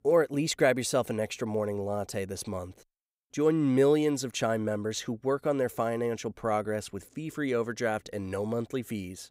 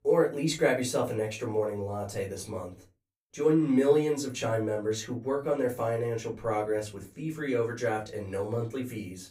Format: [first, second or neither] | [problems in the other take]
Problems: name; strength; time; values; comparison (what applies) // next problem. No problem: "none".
first | off-mic speech; far // room echo; very slight; dies away in 0.2 s